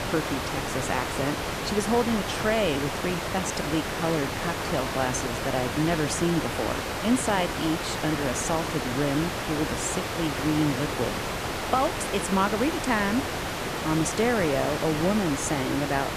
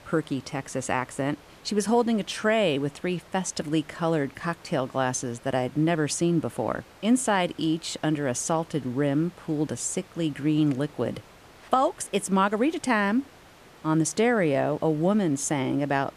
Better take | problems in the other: second | hiss; loud; throughout; 2 dB below the speech; faint in the second

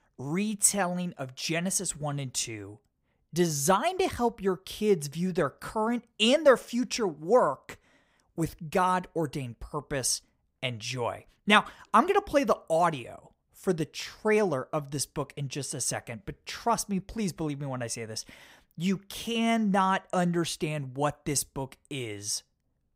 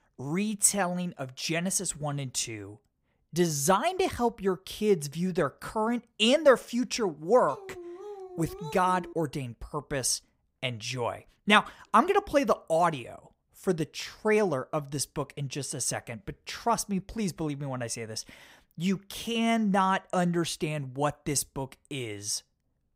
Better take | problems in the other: first | dog barking; faint; from 7.5 to 9 s; peak 15 dB below the speech

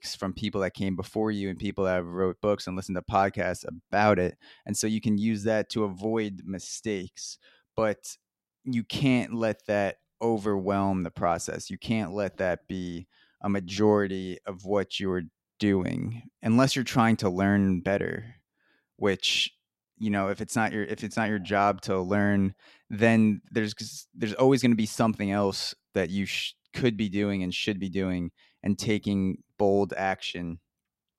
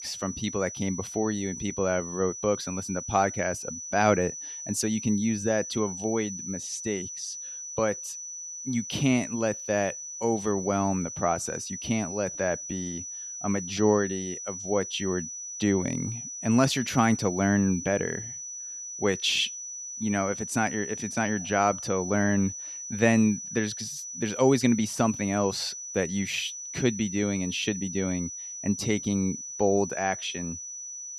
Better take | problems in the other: first | high-pitched whine; loud; throughout; 6 kHz, 8 dB below the speech

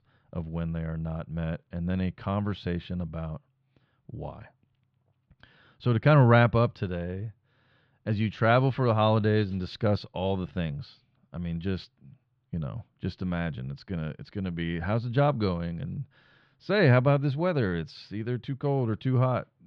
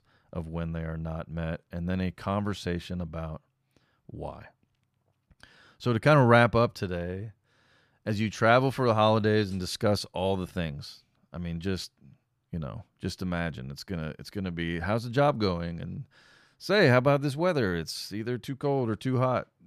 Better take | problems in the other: second | muffled; very slightly; fading above 3.5 kHz

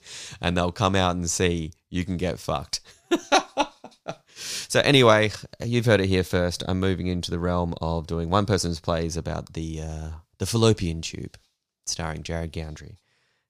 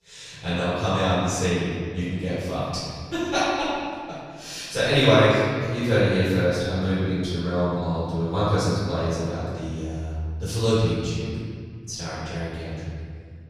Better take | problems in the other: first | off-mic speech; far // room echo; strong; dies away in 2 s

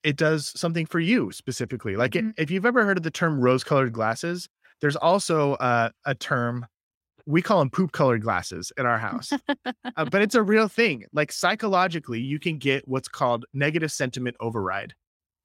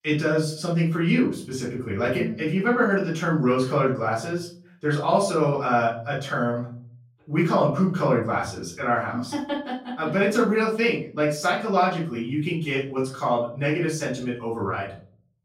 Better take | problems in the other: first | off-mic speech; far // room echo; slight; dies away in 0.4 s

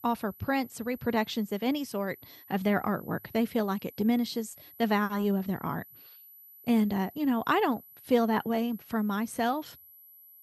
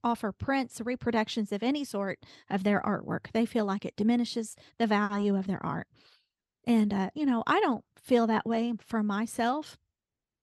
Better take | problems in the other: second | high-pitched whine; faint; throughout; 12 kHz, 20 dB below the speech

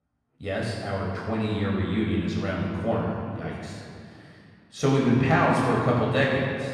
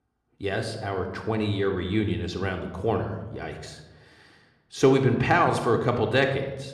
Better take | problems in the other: second | room echo; strong; dies away in 2.1 s; slight in the second // off-mic speech; far

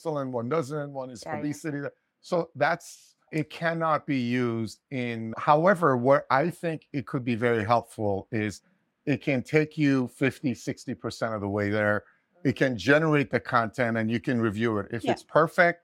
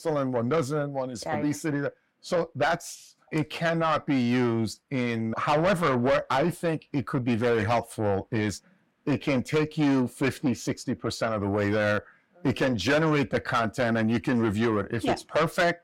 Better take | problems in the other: first | distortion; heavy; 7 dB below the speech

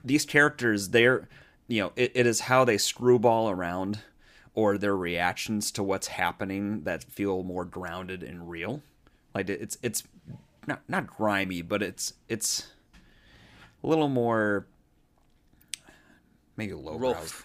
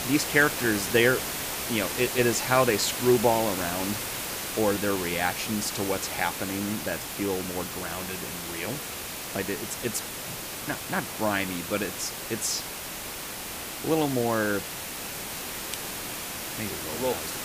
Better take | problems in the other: first | hiss; loud; throughout; 4 dB below the speech

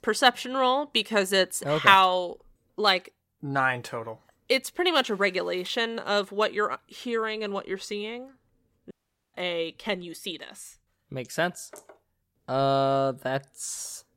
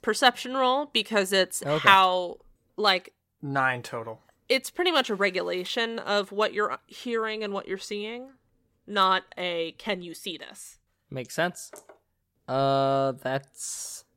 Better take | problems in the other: second | audio cutting out; at 9 s

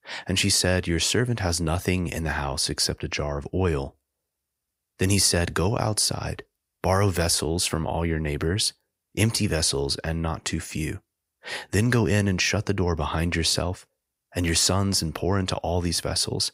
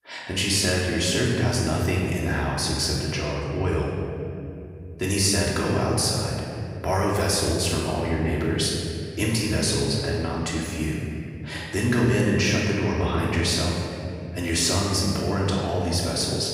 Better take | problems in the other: first | off-mic speech; far // room echo; noticeable; dies away in 2.4 s

